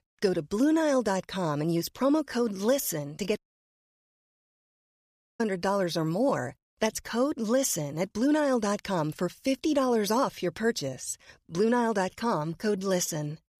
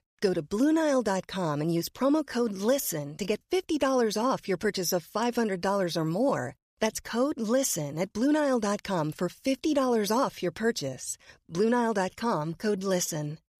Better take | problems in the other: second | audio cutting out; at 3.5 s for 2 s

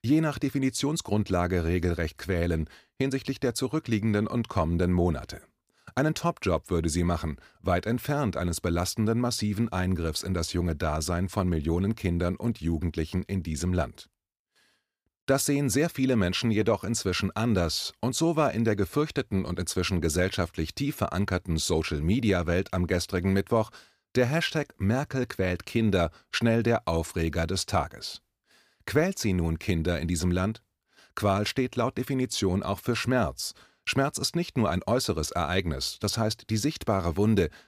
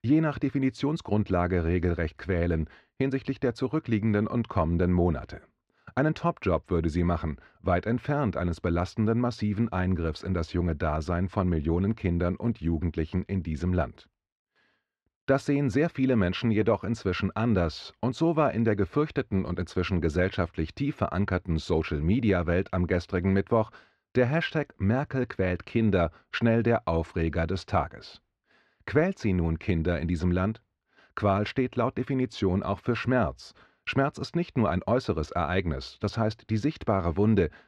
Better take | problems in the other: first | muffled; slightly; fading above 2.5 kHz

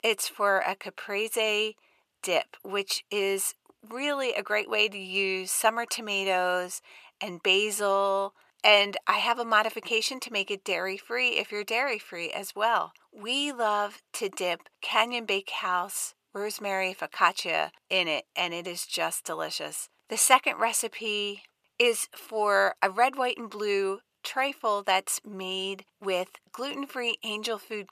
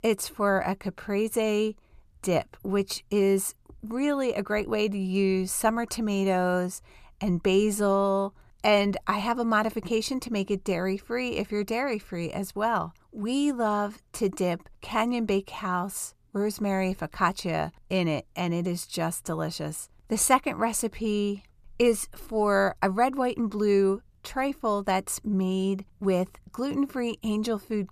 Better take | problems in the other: second | thin; very; fading below 550 Hz

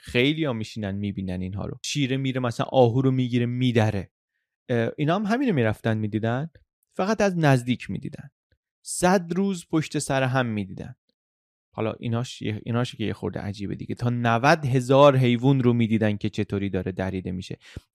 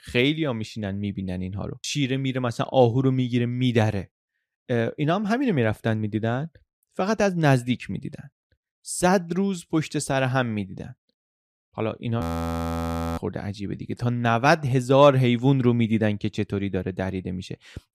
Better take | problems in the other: first | audio freezing; at 12 s for 1 s

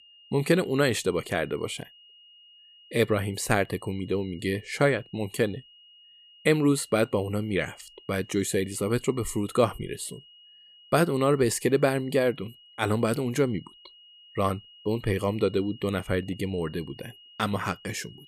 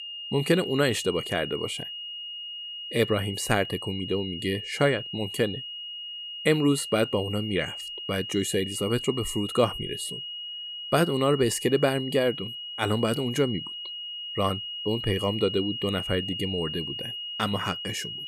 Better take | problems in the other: first | high-pitched whine; loud; throughout; 3 kHz, 7 dB below the speech; faint in the first

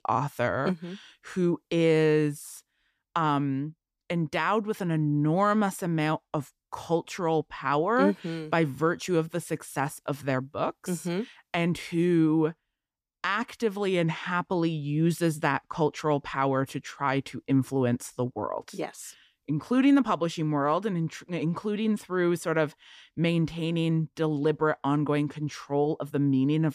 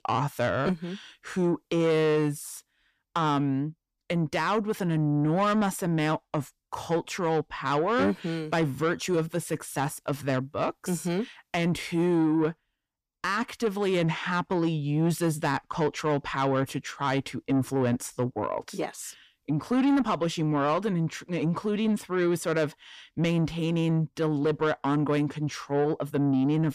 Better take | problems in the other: first | distortion; slight; 10 dB below the speech

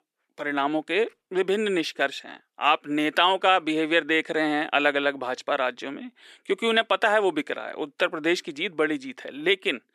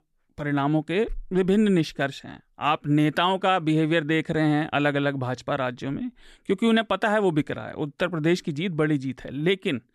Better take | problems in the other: second | thin; somewhat; fading below 350 Hz

